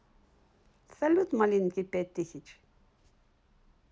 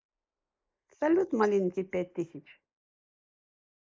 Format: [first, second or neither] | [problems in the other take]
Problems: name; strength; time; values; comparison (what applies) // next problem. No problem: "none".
first | noise reduction (neural mask model Resemble Enhance denoiser)